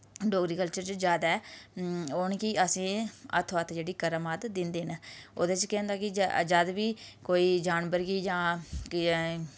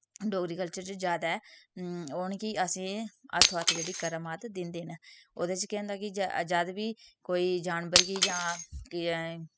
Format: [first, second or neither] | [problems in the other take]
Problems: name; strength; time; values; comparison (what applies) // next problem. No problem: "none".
first | noise reduction (classical method spectral subtraction)